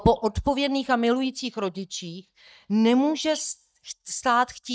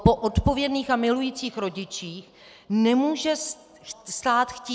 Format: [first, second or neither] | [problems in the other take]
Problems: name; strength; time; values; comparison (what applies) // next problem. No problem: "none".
second | noise reduction (neural mask model DeepFilterNet 3)